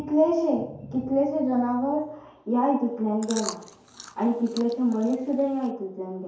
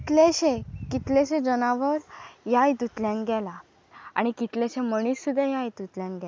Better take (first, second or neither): second